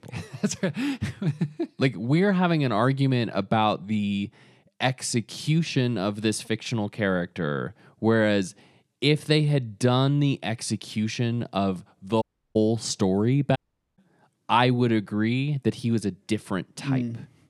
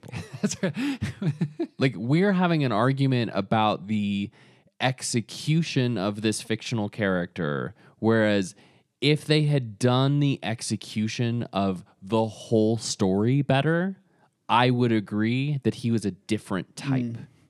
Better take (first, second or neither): second